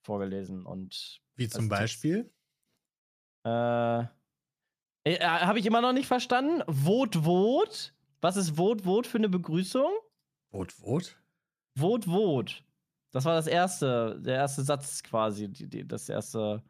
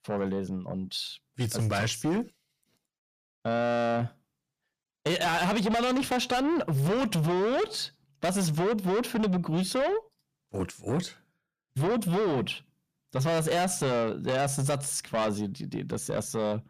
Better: first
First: none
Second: distortion; heavy; 7 dB below the speech

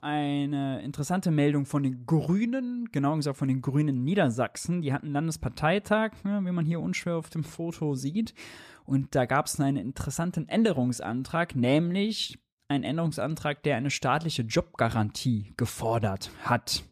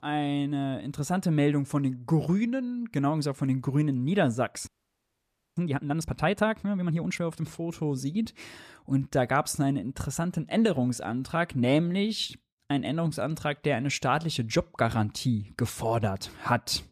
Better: first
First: none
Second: audio freezing; at 4.5 s for 1 s

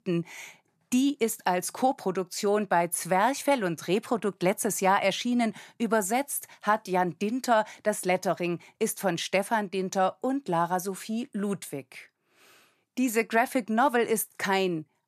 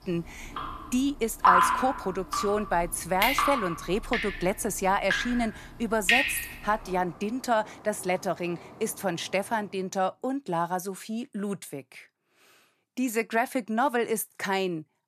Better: first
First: none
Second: rain or running water; very loud; until 9.5 s; 2 dB above the speech

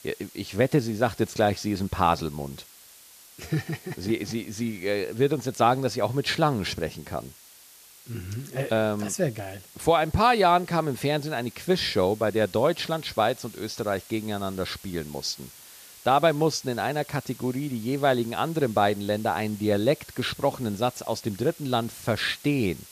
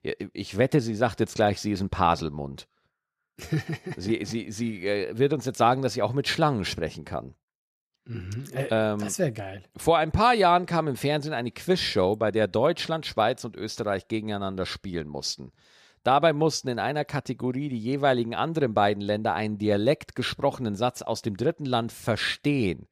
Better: second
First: hiss; faint; throughout; 20 dB below the speech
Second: none

